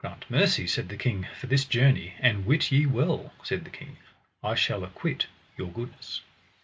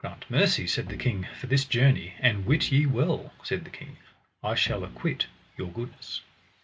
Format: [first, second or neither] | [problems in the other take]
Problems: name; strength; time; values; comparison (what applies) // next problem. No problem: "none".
first | background sound (Bowed string instrument); 18 dB below the speech